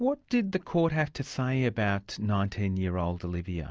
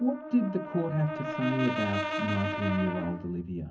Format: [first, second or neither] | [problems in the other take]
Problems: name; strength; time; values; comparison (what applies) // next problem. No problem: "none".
first | background sound (Brass instrument); 5 dB below the speech // room echo; dies away in 0.3 s